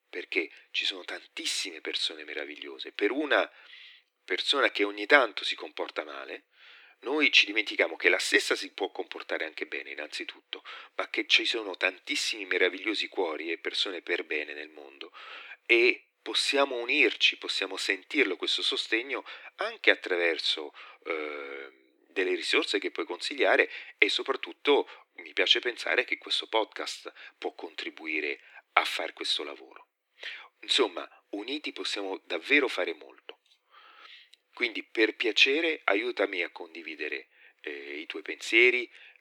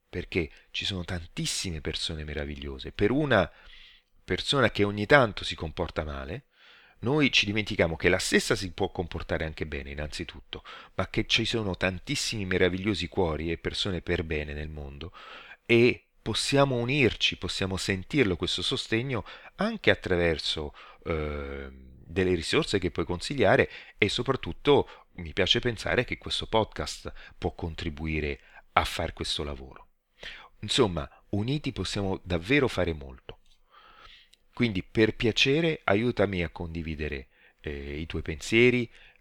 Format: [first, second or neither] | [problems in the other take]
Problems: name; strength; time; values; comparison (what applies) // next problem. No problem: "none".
second | thin; somewhat; fading below 300 Hz